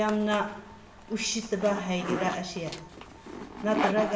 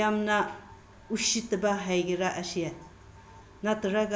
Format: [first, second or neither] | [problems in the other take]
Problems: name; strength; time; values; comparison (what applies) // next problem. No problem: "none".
second | background sound (Zipper (clothing)); 6 dB below the speech // room echo; dies away in 2.9 s